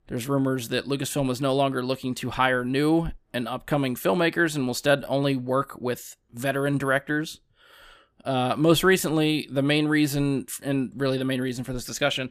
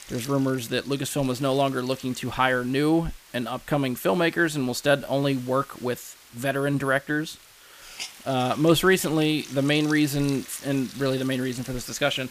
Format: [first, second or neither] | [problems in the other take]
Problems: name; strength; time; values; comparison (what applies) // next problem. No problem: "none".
first | hiss; noticeable; throughout; 20 dB below the speech